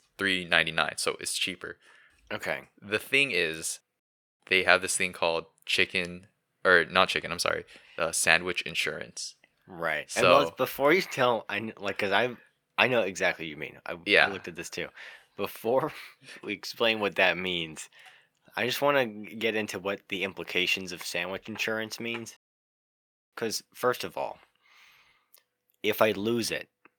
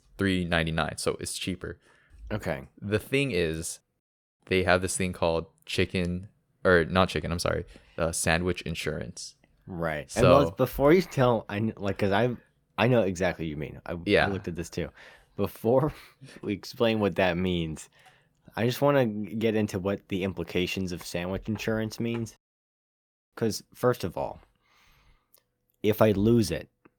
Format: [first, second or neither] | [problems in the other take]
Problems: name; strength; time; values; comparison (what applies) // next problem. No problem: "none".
second | thin; somewhat; fading below 700 Hz